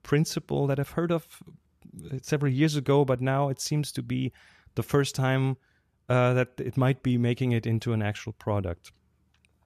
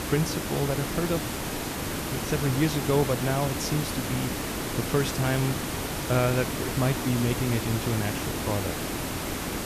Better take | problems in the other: first | hiss; loud; throughout; 2 dB below the speech

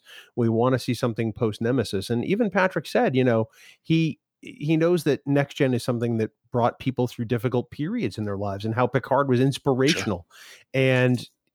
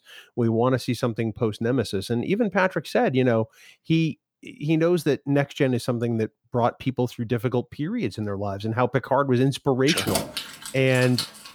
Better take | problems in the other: first | jangling keys; noticeable; from 10 s on; peak 2 dB below the speech

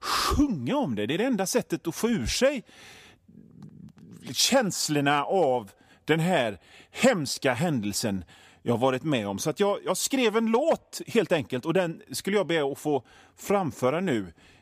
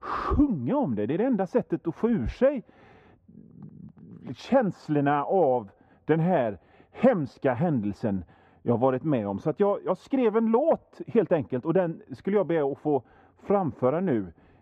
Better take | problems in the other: first | muffled; very; fading above 3.5 kHz

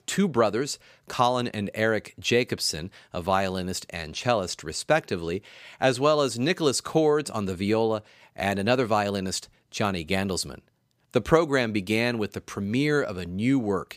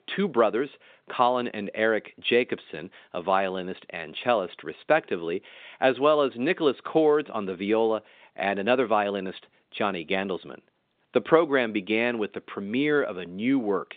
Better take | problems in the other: first | phone-call audio; nothing above 3.5 kHz

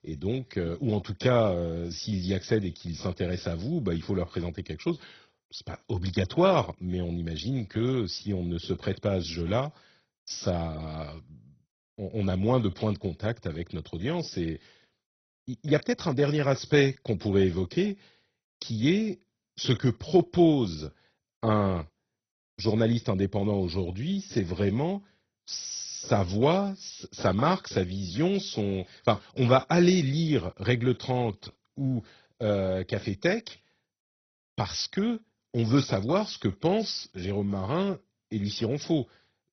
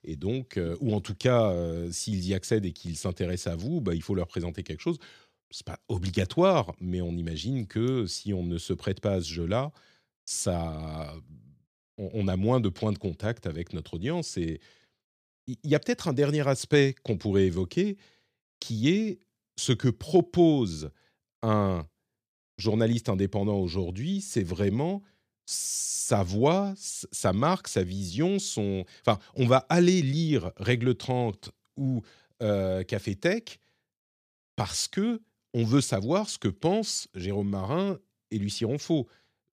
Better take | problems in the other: second | garbled, watery; badly; nothing above 6 kHz

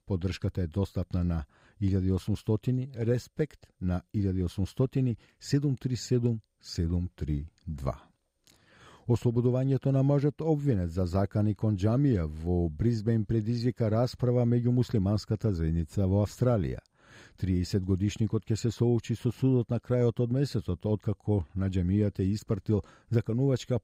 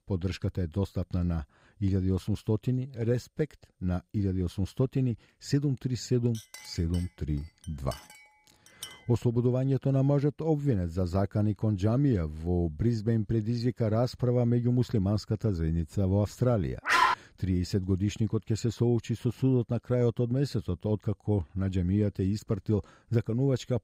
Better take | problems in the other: first | clattering dishes; faint; from 6.5 to 9 s; peak 15 dB below the speech // dog barking; loud; at 17 s; peak 6 dB above the speech

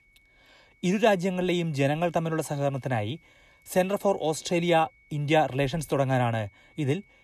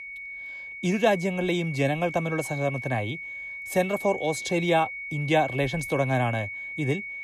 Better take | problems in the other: first | high-pitched whine; loud; throughout; 2 kHz, 8 dB below the speech; faint in the first

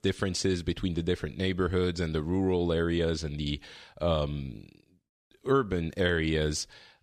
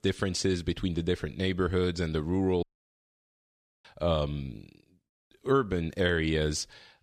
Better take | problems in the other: first | audio cutting out; at 2.5 s for 1 s

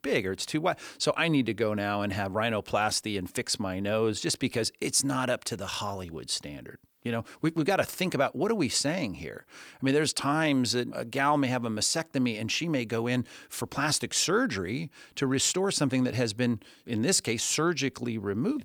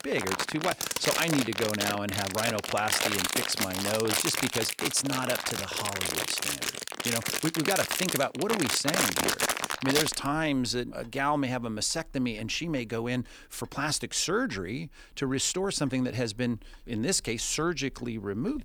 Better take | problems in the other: first | household noises; very loud; throughout; 1 dB above the speech

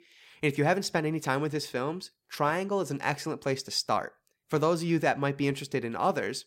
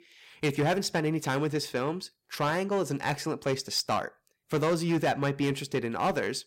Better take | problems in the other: first | distortion; slight; 6% of the sound clipped

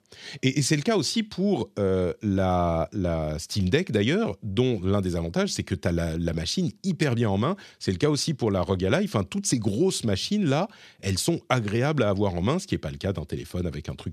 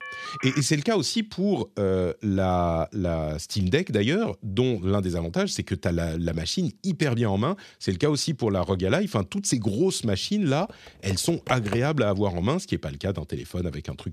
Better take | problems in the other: first | phone ringing; noticeable; at the start; peak 10 dB below the speech // keyboard typing; noticeable; from 11 to 12 s; peak 10 dB below the speech

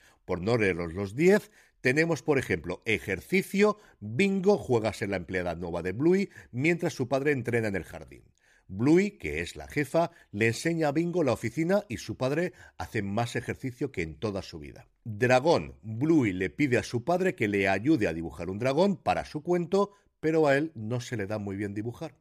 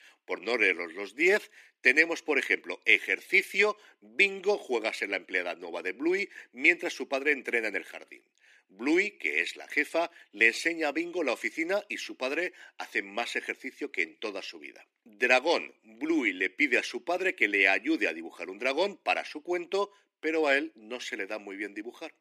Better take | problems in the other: first | thin; somewhat; fading below 250 Hz

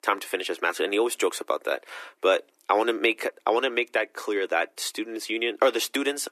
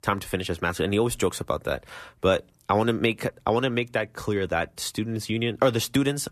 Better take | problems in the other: second | thin; somewhat; fading below 300 Hz

